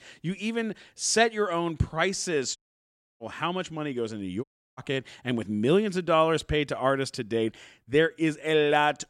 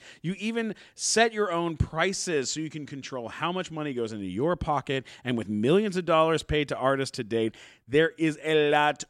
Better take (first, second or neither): second